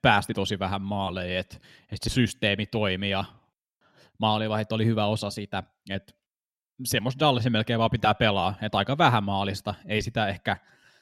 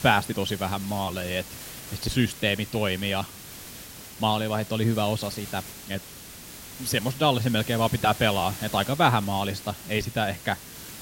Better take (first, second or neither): first